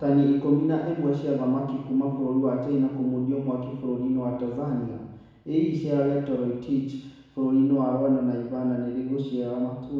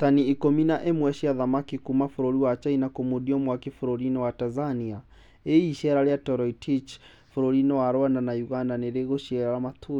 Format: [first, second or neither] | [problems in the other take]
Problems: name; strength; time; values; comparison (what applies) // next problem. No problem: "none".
second | room echo; dies away in 1.1 s